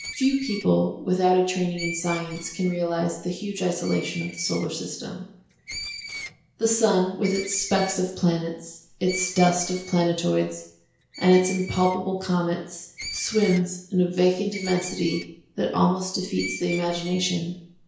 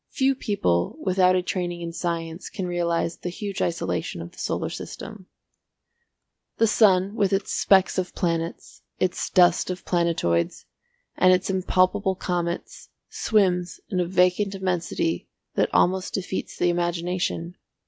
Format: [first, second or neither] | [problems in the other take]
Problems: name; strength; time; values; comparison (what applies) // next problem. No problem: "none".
second | background sound (Screech); 15 dB below the speech // room echo; dies away in 0.5 s